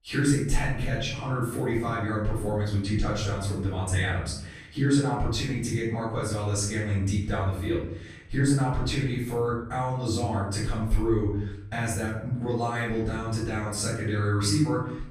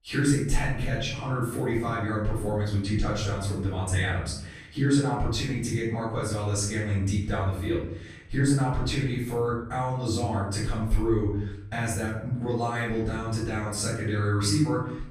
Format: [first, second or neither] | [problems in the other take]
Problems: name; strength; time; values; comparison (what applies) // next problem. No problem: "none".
neither | off-mic speech; far; the same in both // room echo; noticeable; dies away in 0.7 s; the same in both